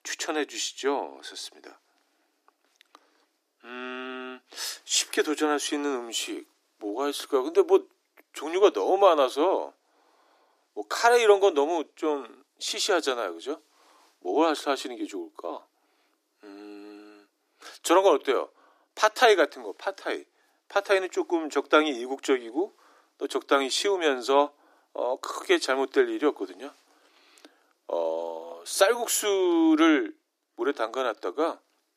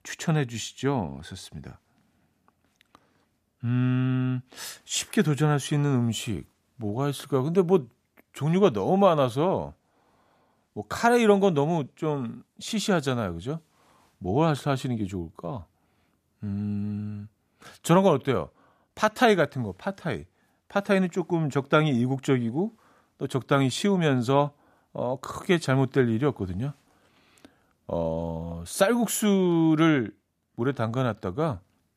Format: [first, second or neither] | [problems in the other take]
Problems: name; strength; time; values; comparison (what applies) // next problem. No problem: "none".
second | thin; very; fading below 300 Hz